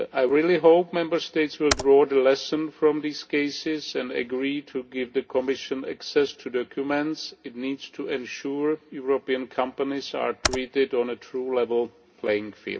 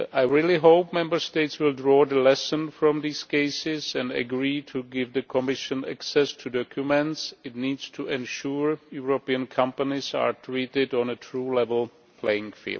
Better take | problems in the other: second | background sound (Computer keyboard); 8 dB below the speech // room echo; dies away in 0.3 s

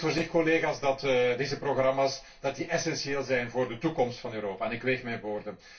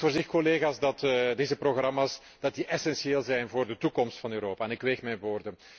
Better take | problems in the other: second | room echo; dies away in 0.2 s

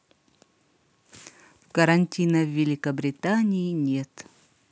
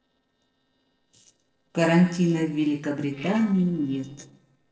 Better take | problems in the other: first | noise reduction (neural separator model SepFormer DNS4)

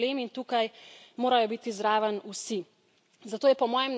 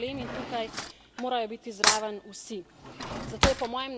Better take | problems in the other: first | background sound (Cutlery, silverware / Drawer open or close); 1 dB above the speech

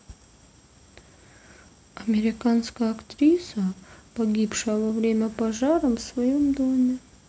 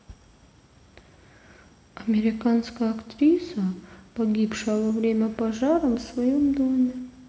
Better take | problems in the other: first | room echo; dies away in 1.3 s

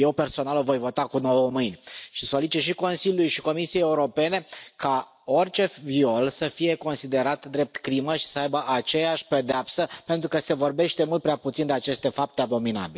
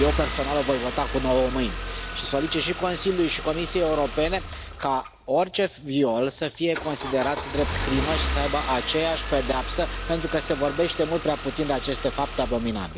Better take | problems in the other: first | background sound (Engine starting / Car); 6 dB below the speech

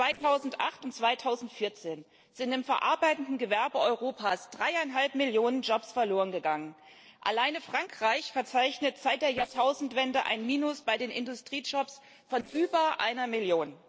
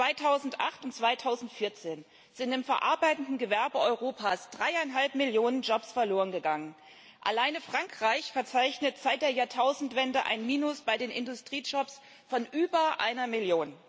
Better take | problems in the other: second | noise reduction (neural separator model SepFormer DNS4)

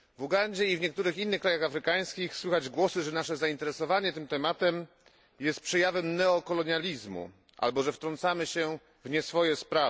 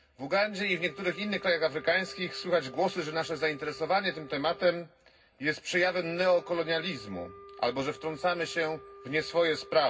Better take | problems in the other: first | background sound (Wind instrument, woodwind instrument); 19 dB below the speech // room echo; dies away in 0.4 s

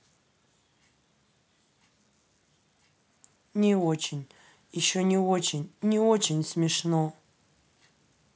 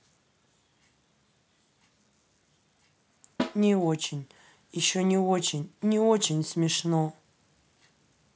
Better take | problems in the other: first | background sound (Snare drum); 8 dB below the speech

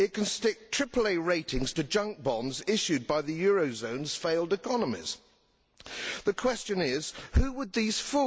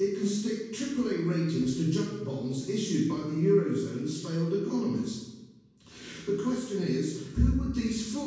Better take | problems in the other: first | room echo; dies away in 1.2 s

